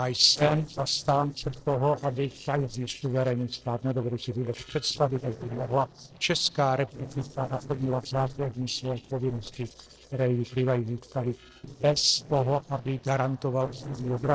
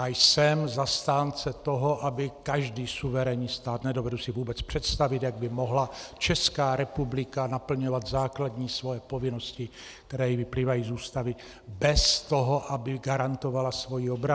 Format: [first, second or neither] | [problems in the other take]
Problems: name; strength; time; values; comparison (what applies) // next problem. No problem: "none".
second | noise reduction (neural separator model SepFormer DNS4)